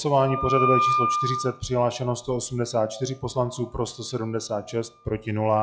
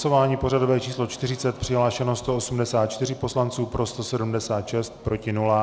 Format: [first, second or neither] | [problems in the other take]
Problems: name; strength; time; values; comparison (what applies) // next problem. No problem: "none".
second | noise reduction (classical method log-MMSE)